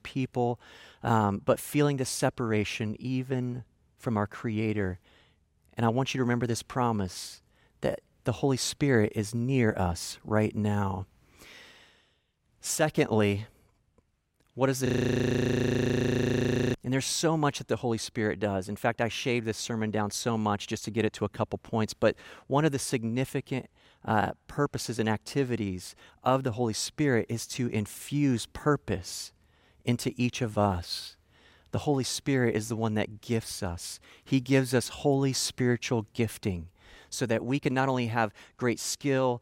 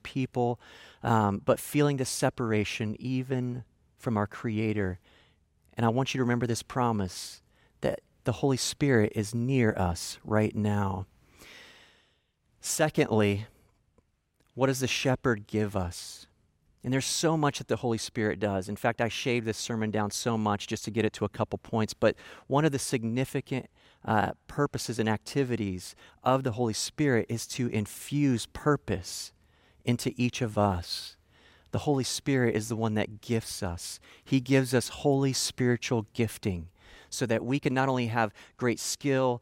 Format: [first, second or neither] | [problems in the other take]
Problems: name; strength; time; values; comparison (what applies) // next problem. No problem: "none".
second | audio freezing; at 15 s for 2 s